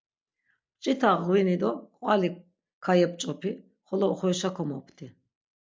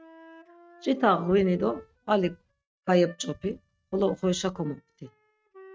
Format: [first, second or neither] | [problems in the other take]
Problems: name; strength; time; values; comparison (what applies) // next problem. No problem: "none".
first | noise reduction (neural mask model RNNoise)